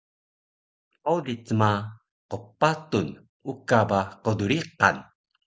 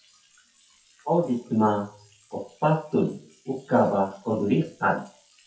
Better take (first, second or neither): first